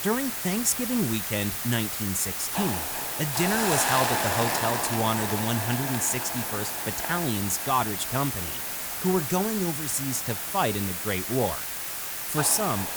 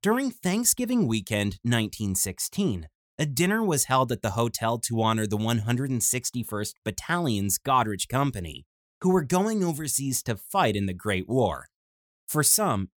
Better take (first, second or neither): second